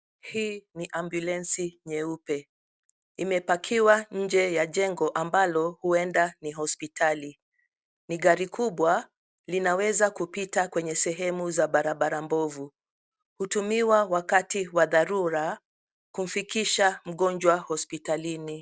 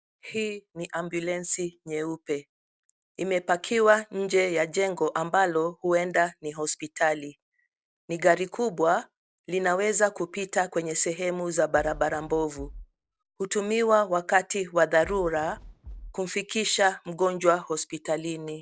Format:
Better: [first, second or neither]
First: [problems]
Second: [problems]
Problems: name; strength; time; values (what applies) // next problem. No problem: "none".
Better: first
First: none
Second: background sound (Fireworks); 17 dB below the speech